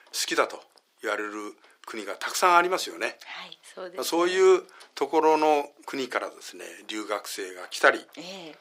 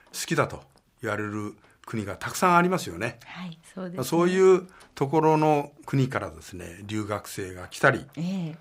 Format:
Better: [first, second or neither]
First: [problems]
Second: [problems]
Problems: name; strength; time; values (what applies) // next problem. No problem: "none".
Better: second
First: thin; very; fading below 350 Hz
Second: none